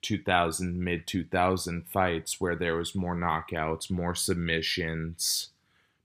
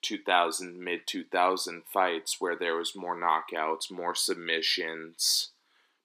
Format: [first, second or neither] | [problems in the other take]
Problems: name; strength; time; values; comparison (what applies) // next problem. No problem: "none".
first | thin; somewhat; fading below 250 Hz